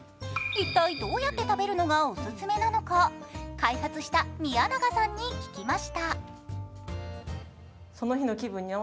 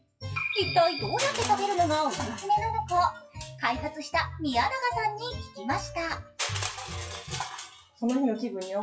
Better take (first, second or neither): first